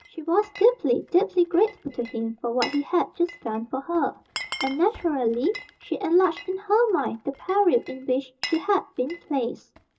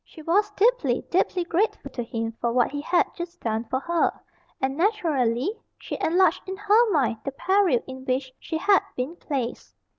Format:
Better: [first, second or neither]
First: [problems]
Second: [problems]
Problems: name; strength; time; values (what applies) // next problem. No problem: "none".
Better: second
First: background sound (Glass); 17 dB below the speech // room echo; dies away in 0.2 s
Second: none